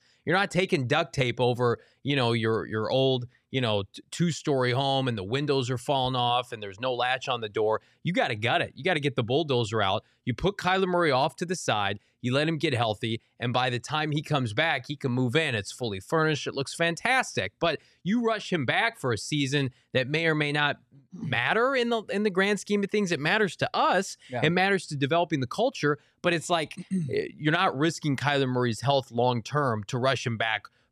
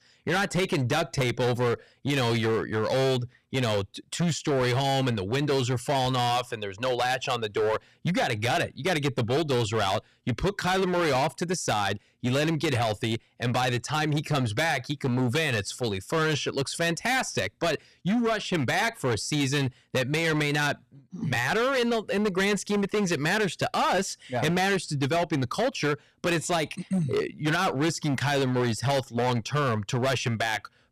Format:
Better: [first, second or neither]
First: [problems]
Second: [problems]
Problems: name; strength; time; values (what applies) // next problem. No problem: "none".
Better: first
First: none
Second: distortion; heavy; 18% of the sound clipped